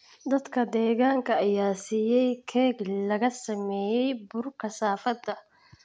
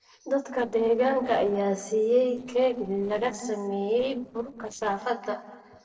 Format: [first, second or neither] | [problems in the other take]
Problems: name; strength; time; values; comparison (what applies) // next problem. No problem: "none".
first | noise reduction (neural separator model SepFormer DNS4)